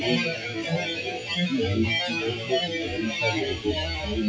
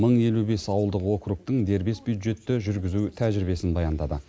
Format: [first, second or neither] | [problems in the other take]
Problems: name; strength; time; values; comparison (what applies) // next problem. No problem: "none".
second | noise reduction (classical method WPE with log-MMSE)